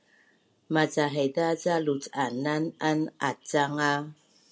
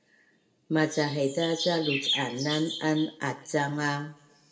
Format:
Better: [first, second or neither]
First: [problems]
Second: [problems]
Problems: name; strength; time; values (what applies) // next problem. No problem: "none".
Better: first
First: none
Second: background sound (Chirp, tweet); 5 dB below the speech // room echo; dies away in 0.6 s